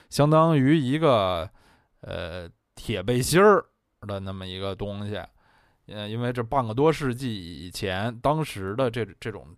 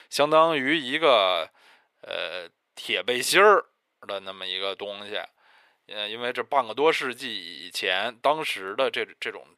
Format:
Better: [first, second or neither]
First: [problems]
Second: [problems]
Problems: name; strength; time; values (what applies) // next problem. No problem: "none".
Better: first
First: none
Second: thin; very; fading below 500 Hz